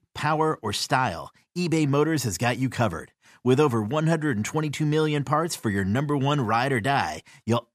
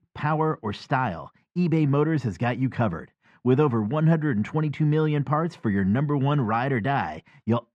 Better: first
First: none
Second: muffled; slightly; fading above 2.5 kHz

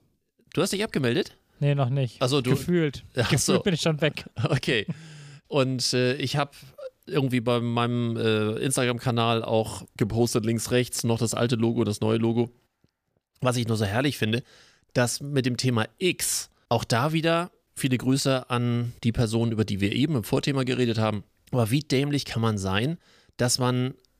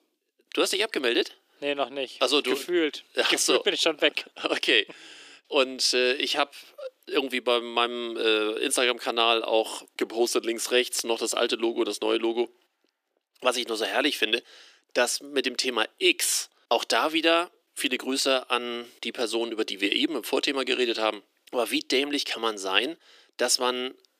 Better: first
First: none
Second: thin; somewhat; fading below 300 Hz

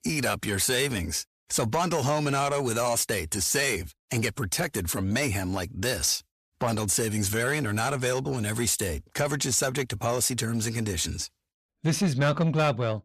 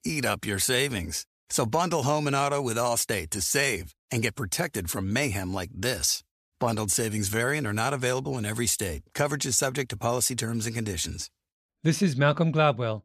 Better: second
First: distortion; slight; 10 dB below the speech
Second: none

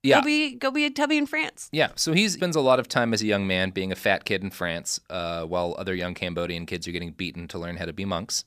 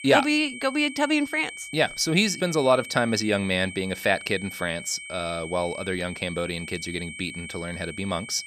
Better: first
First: none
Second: high-pitched whine; noticeable; throughout; 2.5 kHz, 10 dB below the speech

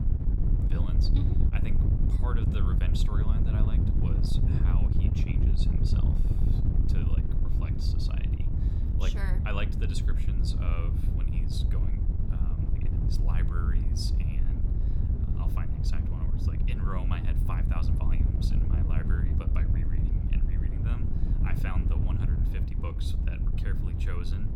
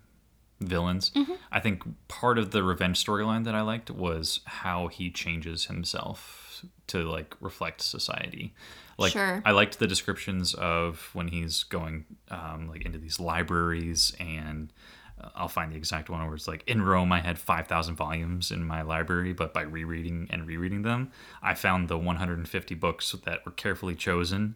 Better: second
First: wind noise on the microphone; heavy; as loud as the speech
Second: none

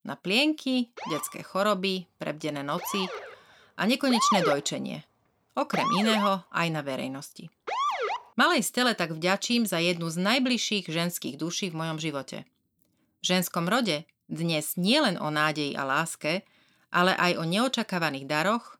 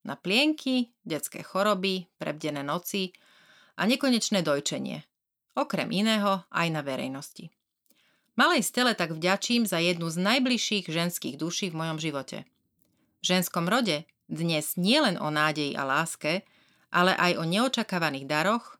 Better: second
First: siren; loud; from 1 to 8 s; peak 2 dB above the speech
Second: none

